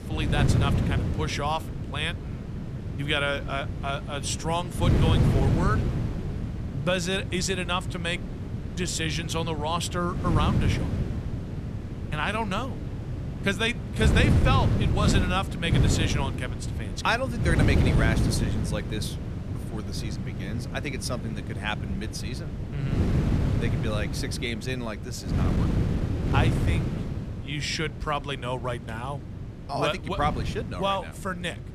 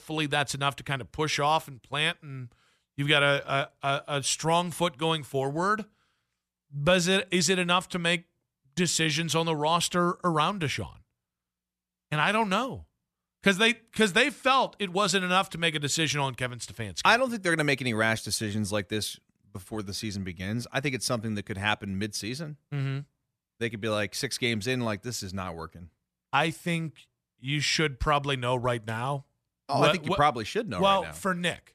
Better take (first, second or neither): second